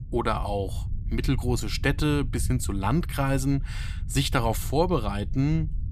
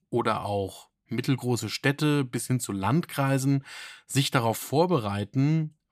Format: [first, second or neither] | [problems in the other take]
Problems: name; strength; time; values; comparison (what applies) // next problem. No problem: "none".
second | low rumble; faint; throughout; 20 dB below the speech